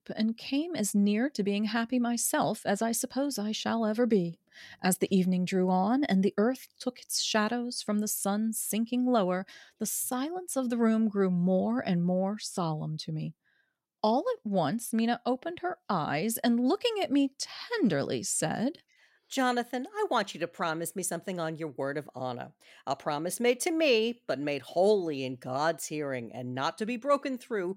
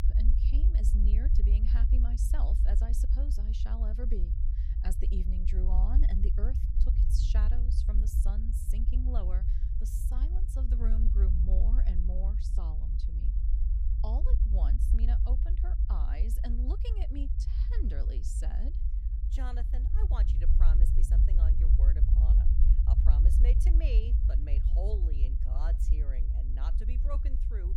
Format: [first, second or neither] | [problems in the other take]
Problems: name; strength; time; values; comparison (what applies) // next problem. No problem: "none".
first | low rumble; loud; throughout; 2 dB below the speech